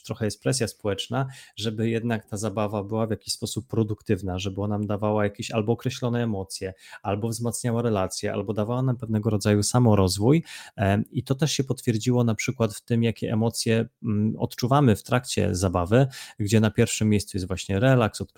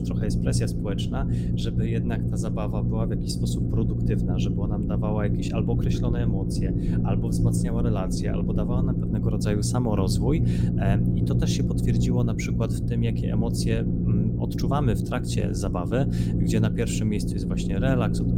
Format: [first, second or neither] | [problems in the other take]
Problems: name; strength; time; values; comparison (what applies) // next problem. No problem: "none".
first | low rumble; loud; throughout; 1 dB below the speech